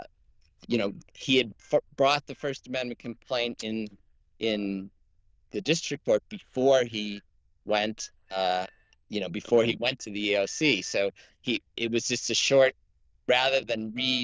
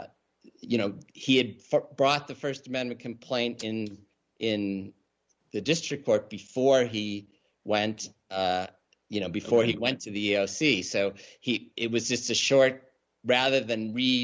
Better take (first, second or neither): second